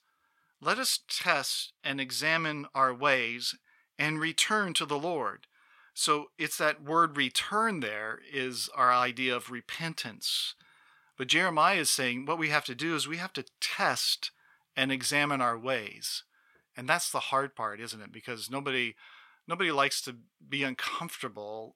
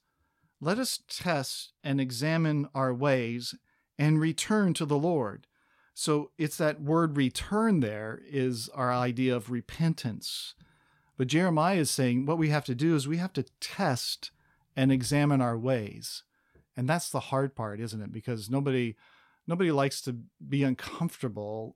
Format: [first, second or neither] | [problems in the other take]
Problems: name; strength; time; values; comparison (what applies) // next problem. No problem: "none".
second | thin; somewhat; fading below 1 kHz